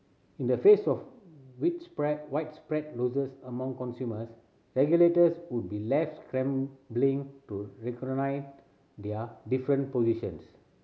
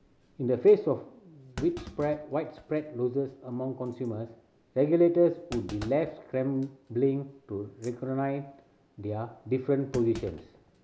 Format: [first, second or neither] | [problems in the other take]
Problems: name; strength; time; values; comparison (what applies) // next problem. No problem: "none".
first | background sound (Thump, thud); 20 dB below the speech